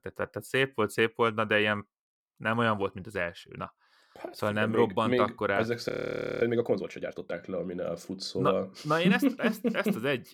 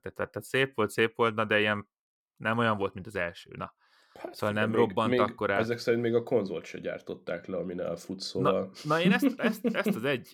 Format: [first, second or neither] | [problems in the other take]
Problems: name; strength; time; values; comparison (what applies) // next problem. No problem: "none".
second | audio freezing; at 6 s for 0.5 s